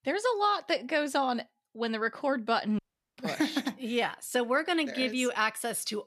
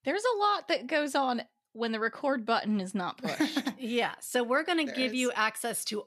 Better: second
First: audio cutting out; at 3 s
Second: none

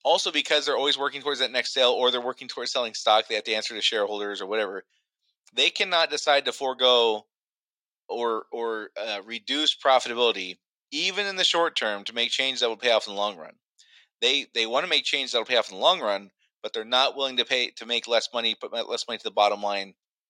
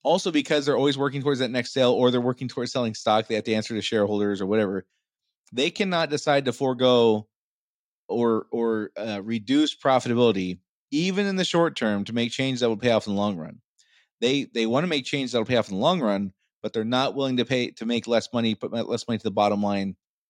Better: second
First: thin; very; fading below 650 Hz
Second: none

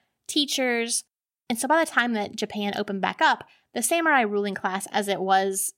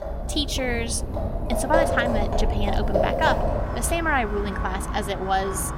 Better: first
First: none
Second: animal sounds; loud; throughout; as loud as the speech

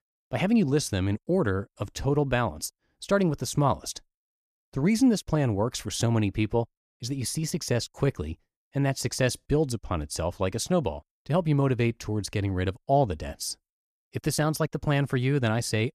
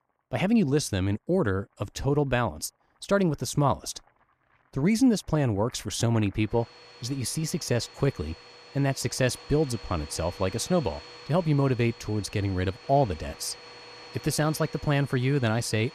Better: first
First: none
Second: household noises; noticeable; throughout; 20 dB below the speech

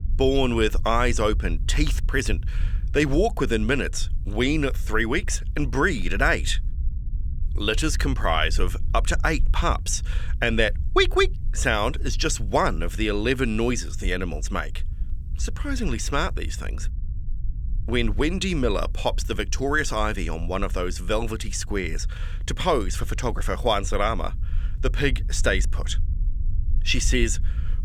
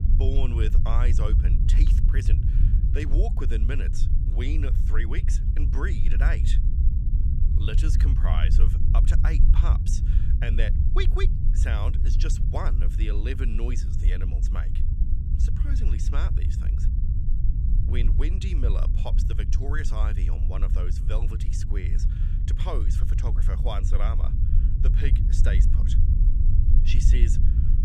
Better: first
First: low rumble; faint; throughout; 25 dB below the speech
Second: low rumble; loud; throughout; 5 dB below the speech

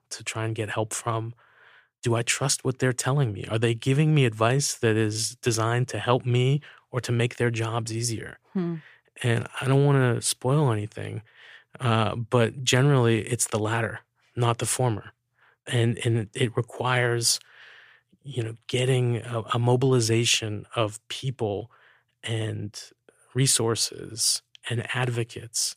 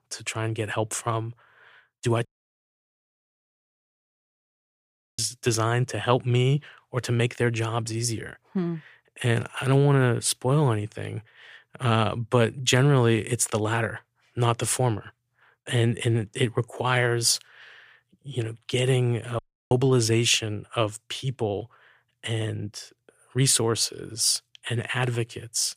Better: first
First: none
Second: audio cutting out; at 2.5 s for 3 s and at 19 s

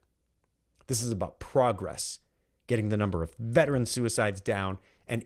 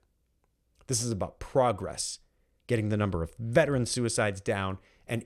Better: second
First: garbled, watery; slightly; nothing above 16 kHz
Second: none

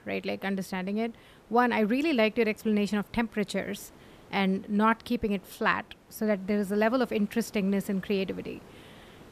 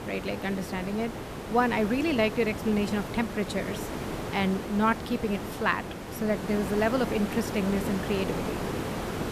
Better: first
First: hiss; faint; throughout; 25 dB below the speech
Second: hiss; loud; throughout; 6 dB below the speech

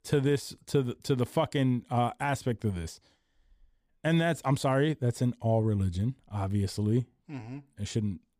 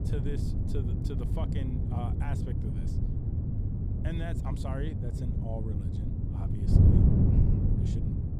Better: first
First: none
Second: wind noise on the microphone; heavy; 3 dB above the speech

